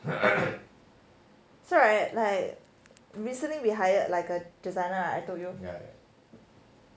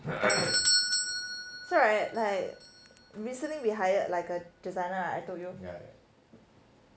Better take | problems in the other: first | background sound (Doorbell); 3 dB below the speech

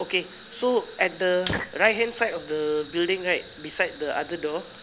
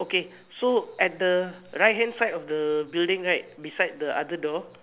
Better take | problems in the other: second | background sound (Fire); 13 dB below the speech

